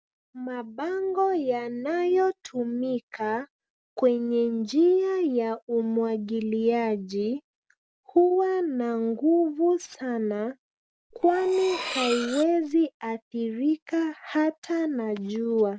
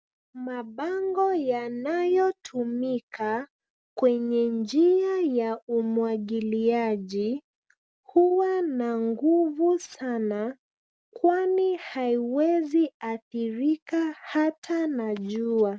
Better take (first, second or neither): second